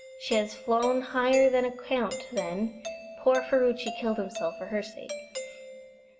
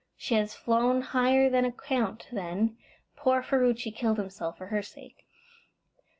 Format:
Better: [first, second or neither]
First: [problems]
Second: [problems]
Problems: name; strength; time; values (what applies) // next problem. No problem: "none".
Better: second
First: background sound (Doorbell); 12 dB below the speech // room echo; dies away in 2.1 s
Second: none